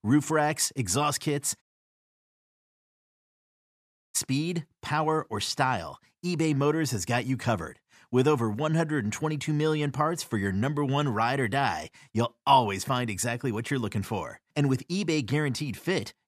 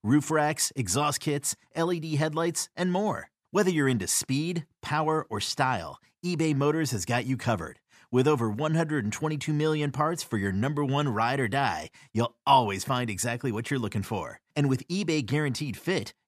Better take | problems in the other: second | audio cutting out; at 1.5 s for 2.5 s

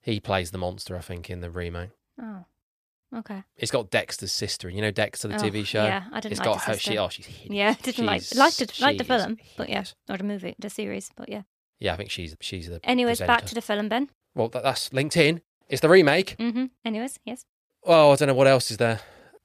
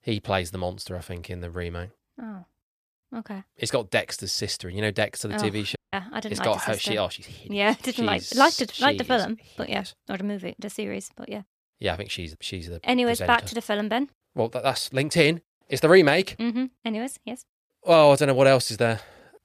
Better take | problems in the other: first | audio cutting out; at 6 s

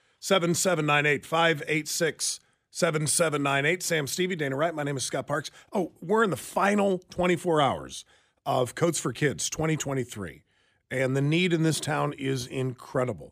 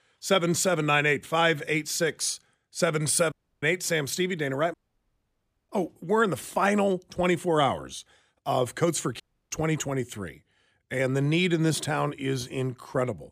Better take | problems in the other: first | audio cutting out; at 3.5 s, at 4.5 s for 1 s and at 9 s

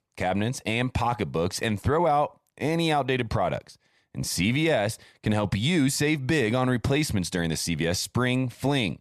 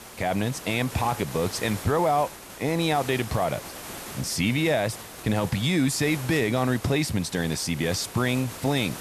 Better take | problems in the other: first | hiss; noticeable; throughout; 15 dB below the speech

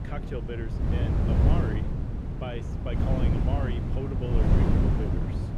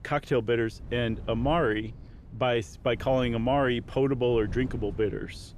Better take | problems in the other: second | wind noise on the microphone; heavy; 2 dB above the speech; occasional gusts in the second

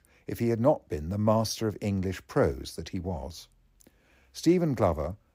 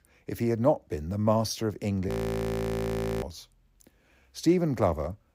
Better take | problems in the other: first | audio freezing; at 2 s for 1 s

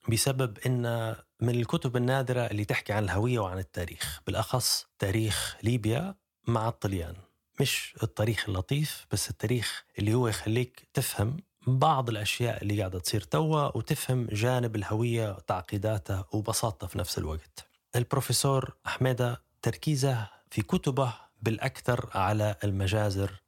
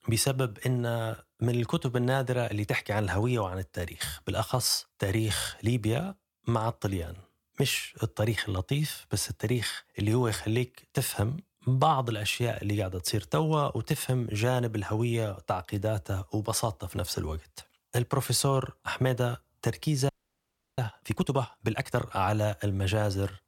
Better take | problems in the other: first | audio freezing; at 20 s for 0.5 s

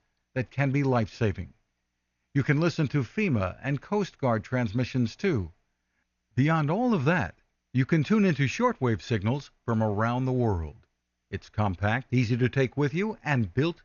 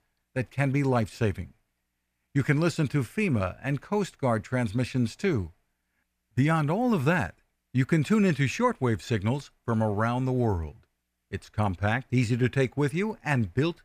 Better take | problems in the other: second | garbled, watery; slightly; nothing above 6.5 kHz

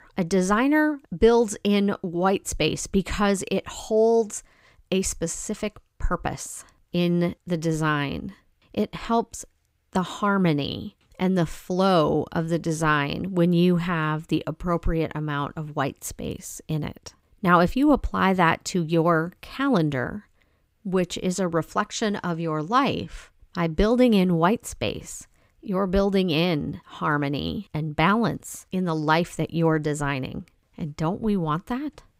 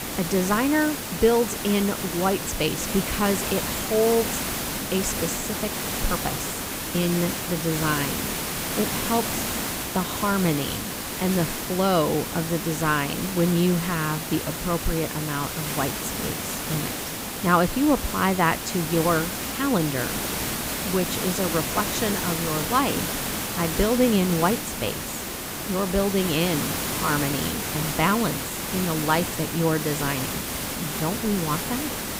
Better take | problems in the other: first | hiss; loud; throughout; 2 dB below the speech

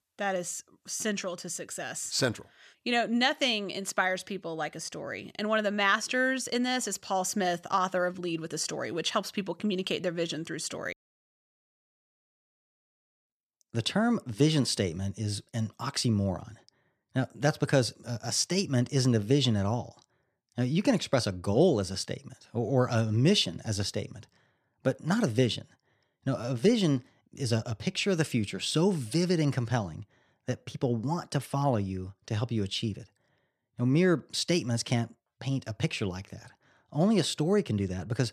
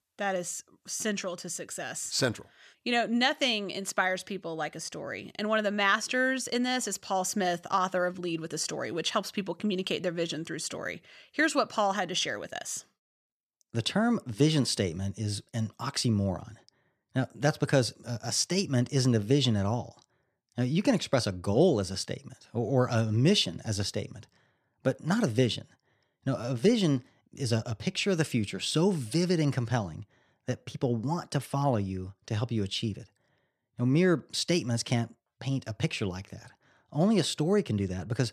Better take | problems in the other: second | audio cutting out; at 11 s for 2.5 s

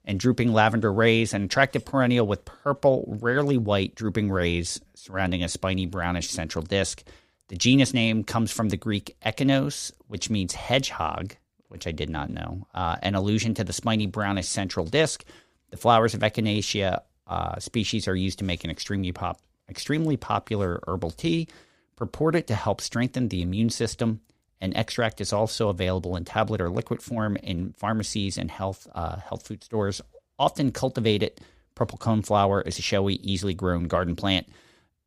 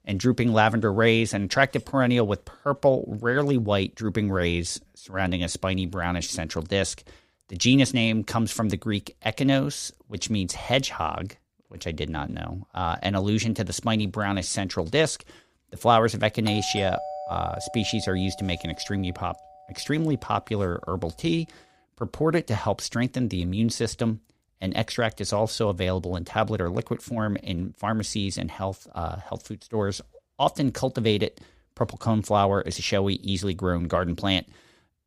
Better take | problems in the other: first | doorbell; noticeable; from 16 to 19 s; peak 7 dB below the speech

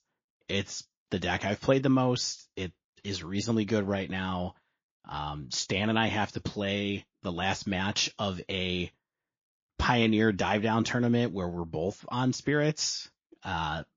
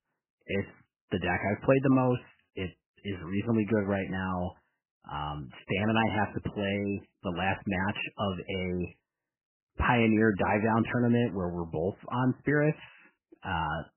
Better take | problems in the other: first | garbled, watery; badly; nothing above 3 kHz; slightly in the first

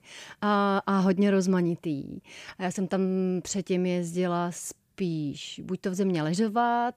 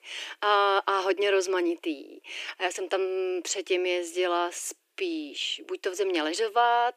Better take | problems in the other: first | thin; very; fading below 300 Hz

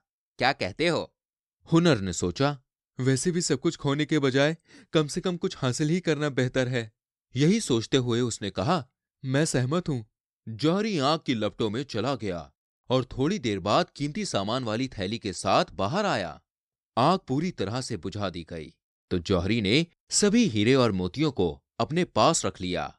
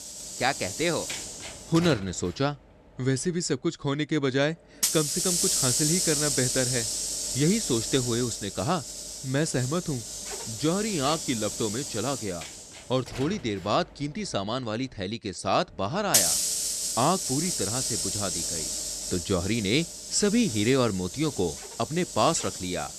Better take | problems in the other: first | hiss; loud; throughout; 1 dB below the speech

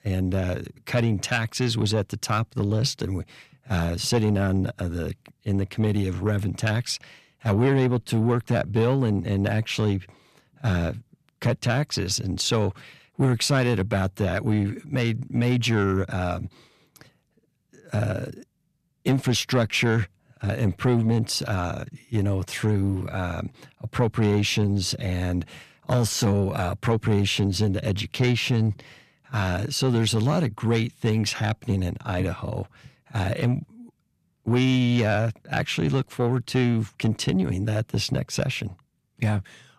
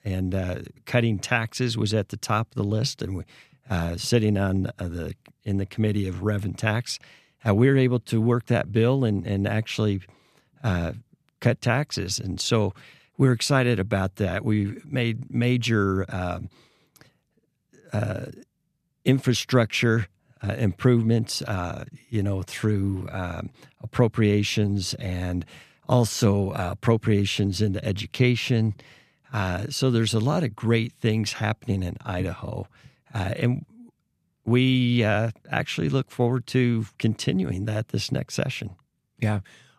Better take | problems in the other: second | distortion; slight; 10 dB below the speech

